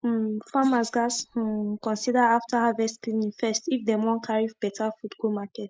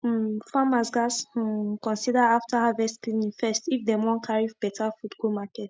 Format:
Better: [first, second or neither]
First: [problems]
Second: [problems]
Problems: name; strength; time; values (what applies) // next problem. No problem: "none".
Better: second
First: noise reduction (neural mask model Resemble Enhance denoiser)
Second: none